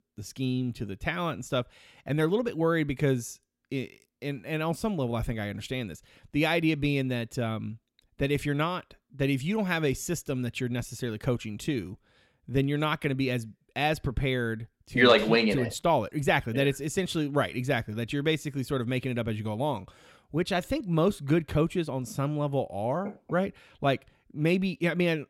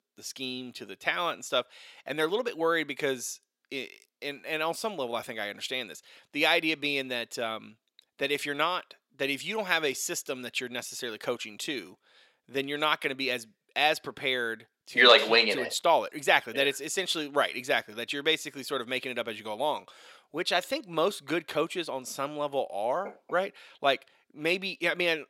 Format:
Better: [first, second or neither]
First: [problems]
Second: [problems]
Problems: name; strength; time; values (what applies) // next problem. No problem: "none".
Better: first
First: none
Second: thin; somewhat; fading below 500 Hz